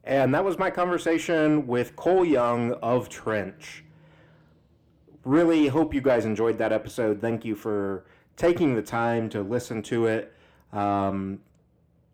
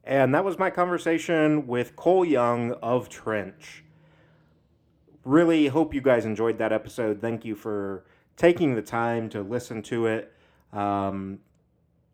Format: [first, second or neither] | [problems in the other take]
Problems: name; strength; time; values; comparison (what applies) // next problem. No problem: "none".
second | distortion; slight; 10 dB below the speech